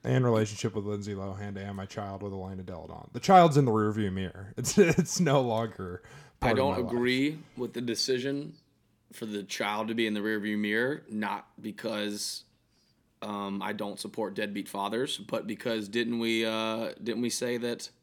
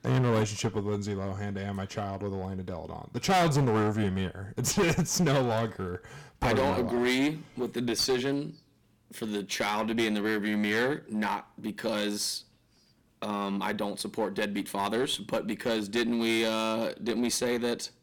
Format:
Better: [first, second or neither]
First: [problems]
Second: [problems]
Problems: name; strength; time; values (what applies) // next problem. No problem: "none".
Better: first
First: none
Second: distortion; heavy; 10% of the sound clipped